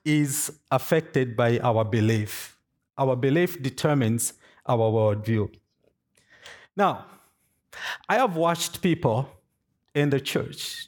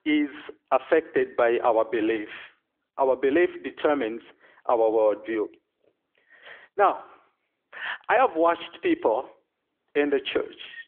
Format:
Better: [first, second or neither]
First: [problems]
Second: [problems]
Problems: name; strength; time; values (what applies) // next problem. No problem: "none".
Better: first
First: none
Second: phone-call audio; nothing above 3.5 kHz